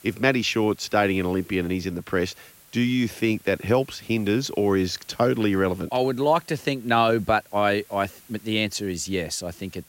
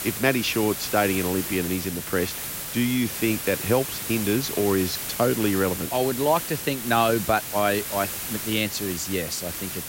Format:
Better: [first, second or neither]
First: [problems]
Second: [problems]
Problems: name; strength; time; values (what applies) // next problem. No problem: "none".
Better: first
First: hiss; faint; throughout; 25 dB below the speech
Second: hiss; loud; throughout; 5 dB below the speech